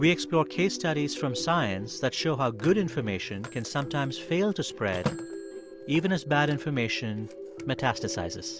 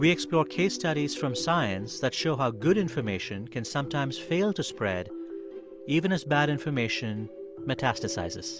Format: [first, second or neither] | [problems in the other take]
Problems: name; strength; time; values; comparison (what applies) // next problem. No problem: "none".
second | background sound (Telephone); 17 dB below the speech